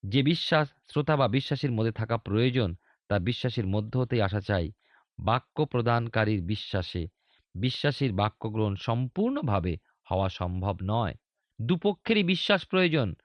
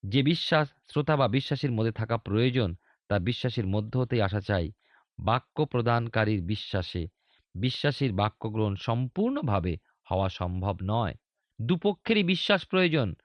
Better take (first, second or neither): neither